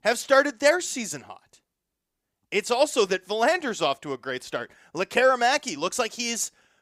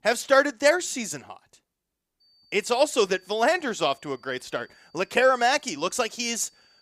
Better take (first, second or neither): first